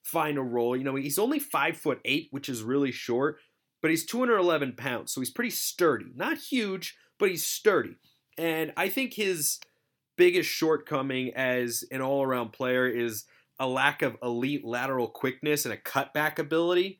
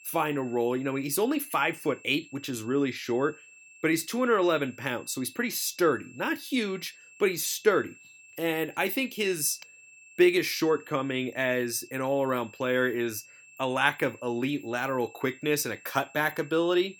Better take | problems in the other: first | high-pitched whine; faint; throughout; 2.5 kHz, 20 dB below the speech

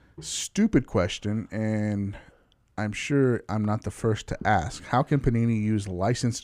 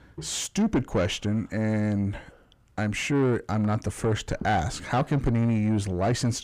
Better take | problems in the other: first | distortion; slight; 10 dB below the speech

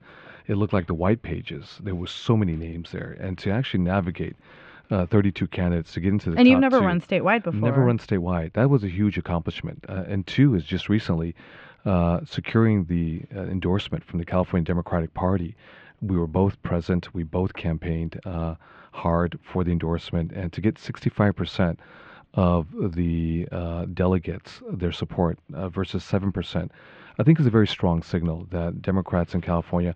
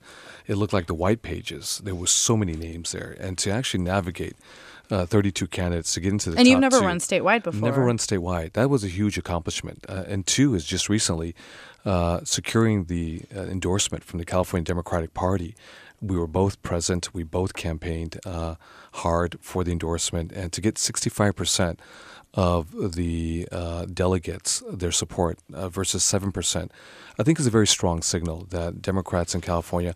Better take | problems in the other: second | muffled; very; fading above 3 kHz

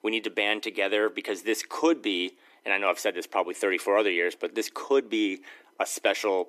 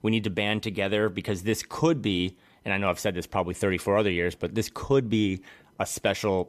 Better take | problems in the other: second | thin; somewhat; fading below 300 Hz

